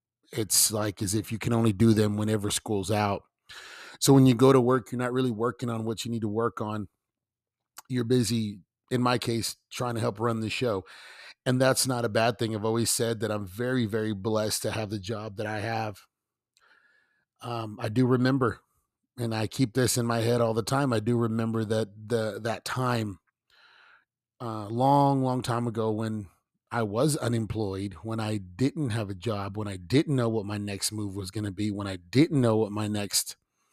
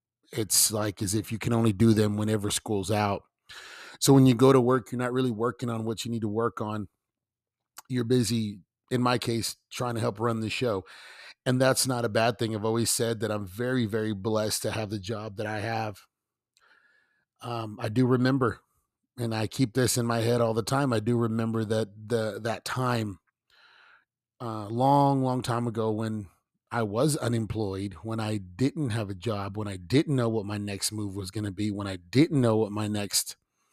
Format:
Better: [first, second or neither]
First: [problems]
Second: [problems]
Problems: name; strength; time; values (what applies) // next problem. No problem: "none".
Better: neither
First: none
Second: none